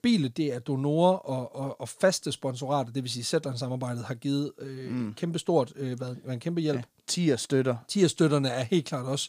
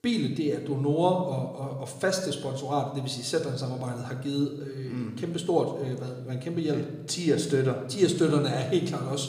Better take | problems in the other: first | room echo; slight; dies away in 0.9 s

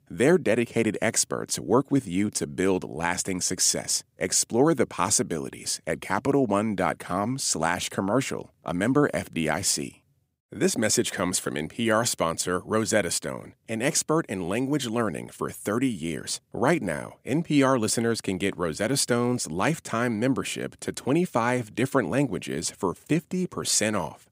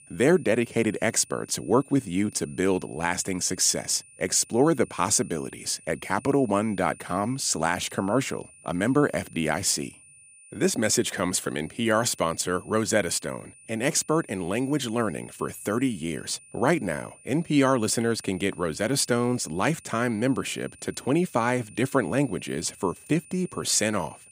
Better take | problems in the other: first | high-pitched whine; faint; throughout; 9 kHz, 25 dB below the speech

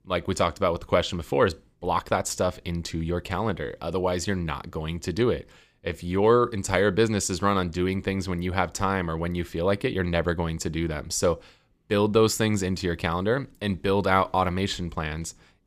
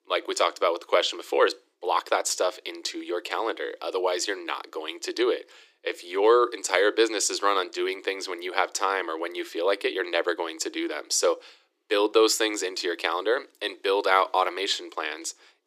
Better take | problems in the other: first | thin; very; fading below 300 Hz

